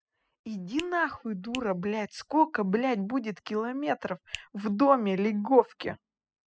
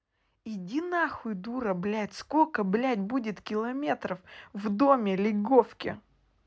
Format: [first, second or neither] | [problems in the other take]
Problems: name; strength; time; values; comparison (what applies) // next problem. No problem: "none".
second | noise reduction (classical method spectral subtraction)